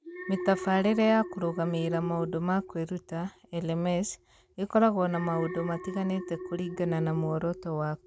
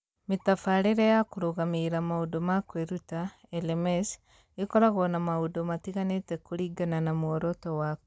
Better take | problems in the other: second | background sound (Alarm); 11 dB below the speech

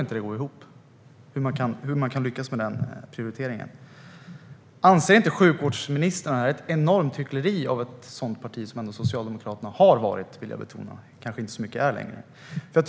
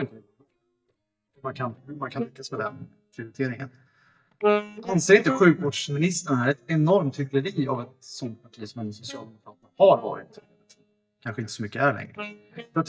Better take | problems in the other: first | noise reduction (neural mask model DeepFilterNet 3)

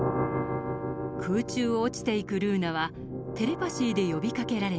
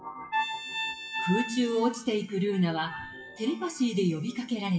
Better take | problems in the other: first | noise reduction (classical method WPE with log-MMSE)

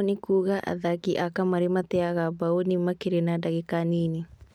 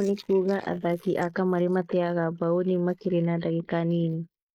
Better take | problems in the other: first | noise reduction (neural mask model Resemble Enhance denoiser)

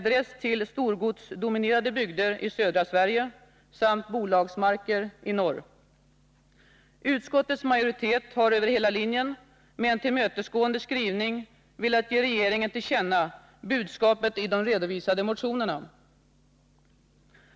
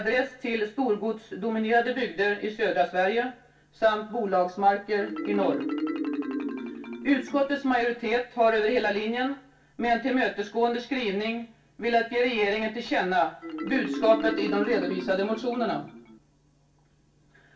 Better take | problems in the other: first | background sound (Marimba, xylophone); 10 dB below the speech // room echo; dies away in 0.2 s

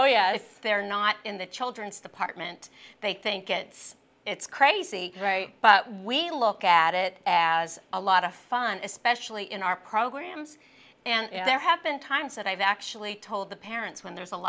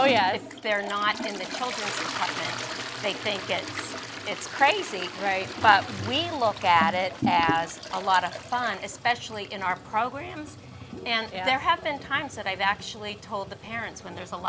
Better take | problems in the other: first | background sound (Toilet flush); 9 dB below the speech

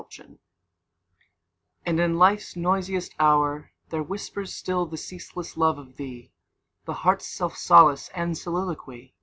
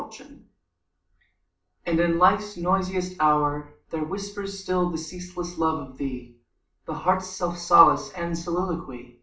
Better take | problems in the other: first | room echo; dies away in 0.4 s

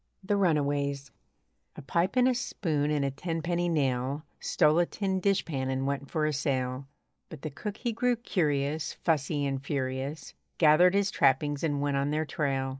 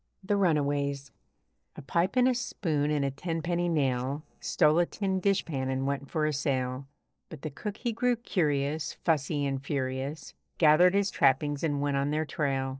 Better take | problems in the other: first | noise reduction (neural separator model SepFormer DNS4)

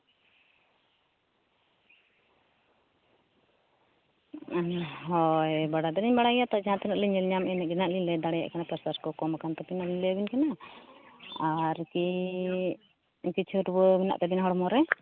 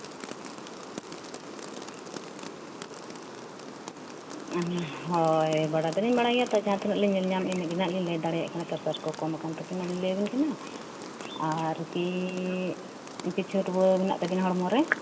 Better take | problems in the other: first | background sound (Rain); 12 dB below the speech // room echo; dies away in 1.2 s

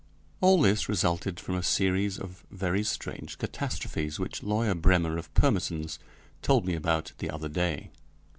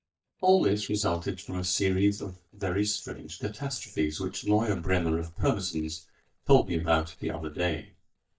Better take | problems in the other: first | noise reduction (neural mask model DeepFilterNet 3)

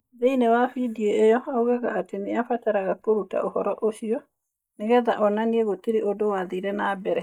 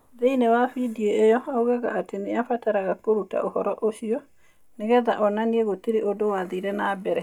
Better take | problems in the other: second | noise reduction (neural mask model Resemble Enhance denoiser)

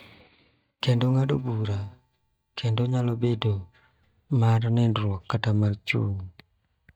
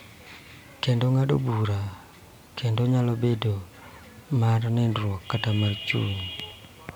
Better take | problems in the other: second | noise reduction (neural mask model DeepFilterNet 3)

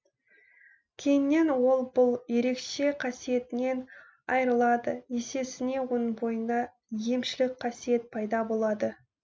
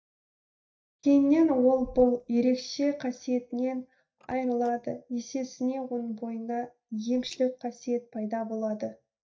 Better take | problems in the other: first | noise reduction (neural mask model DeepFilterNet 3)

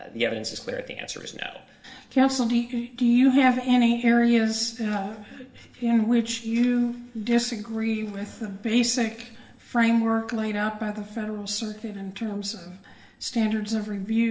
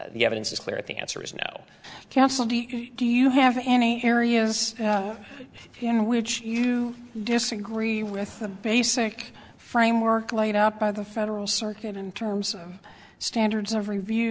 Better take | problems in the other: second | room echo; dies away in 0.6 s

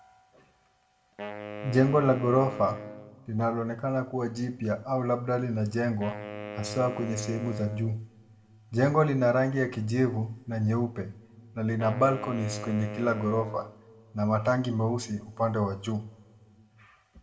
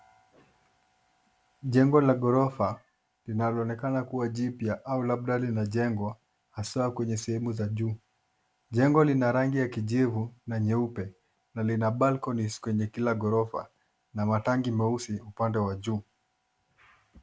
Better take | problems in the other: second | background sound (Wind instrument, woodwind instrument); 13 dB below the speech // room echo; dies away in 0.8 s

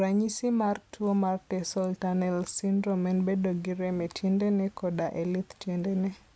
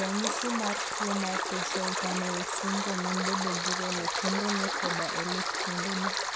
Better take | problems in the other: first | background sound (Stream); 3 dB above the speech

